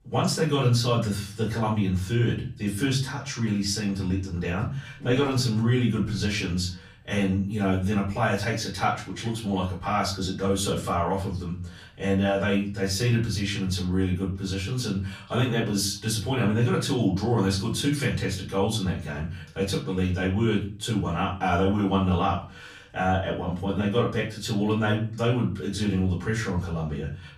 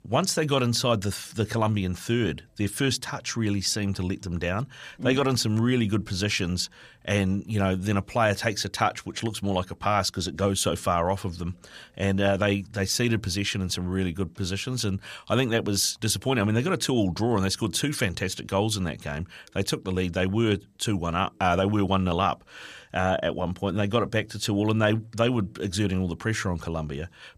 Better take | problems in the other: second | off-mic speech; far // room echo; slight; dies away in 0.4 s

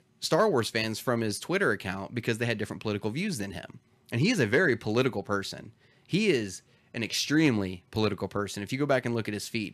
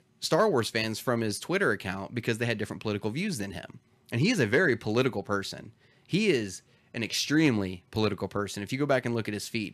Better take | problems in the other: neither | none

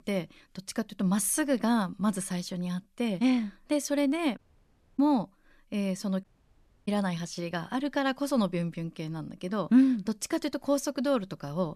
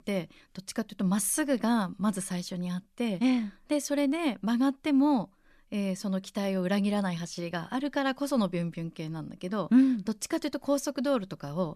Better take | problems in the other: second | audio cutting out; at 4.5 s for 0.5 s and at 6 s for 0.5 s

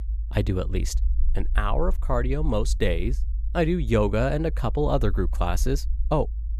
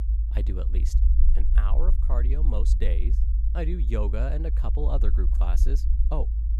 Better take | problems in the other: first | low rumble; loud; throughout; 8 dB below the speech; faint in the first

